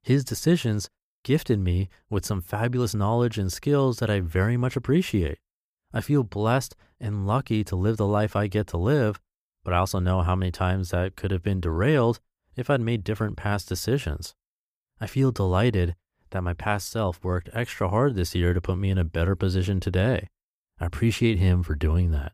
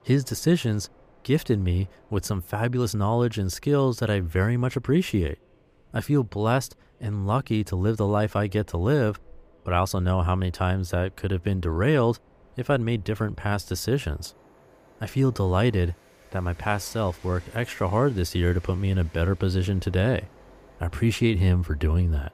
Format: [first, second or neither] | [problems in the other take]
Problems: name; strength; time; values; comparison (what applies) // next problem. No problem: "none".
first | train or aircraft noise; faint; throughout; 30 dB below the speech